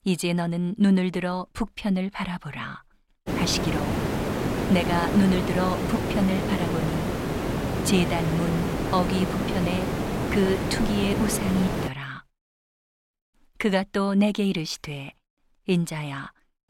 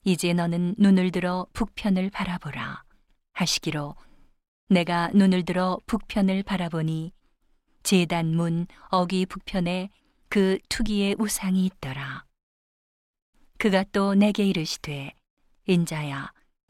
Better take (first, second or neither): second